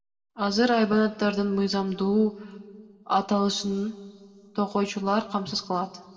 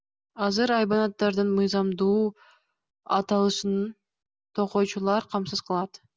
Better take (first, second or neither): second